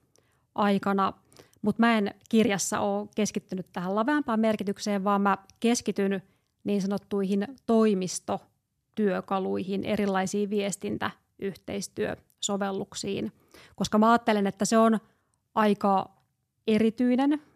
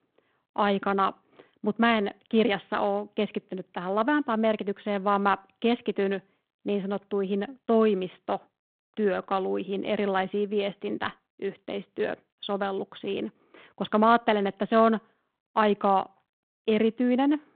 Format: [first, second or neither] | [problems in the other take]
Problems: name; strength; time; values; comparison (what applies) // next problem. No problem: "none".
first | phone-call audio